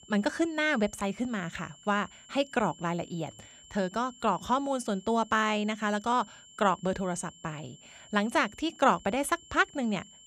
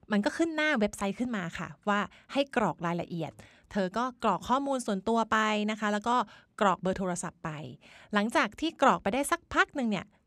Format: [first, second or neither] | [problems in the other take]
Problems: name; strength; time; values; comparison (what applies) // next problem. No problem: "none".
second | high-pitched whine; faint; throughout; 3 kHz, 20 dB below the speech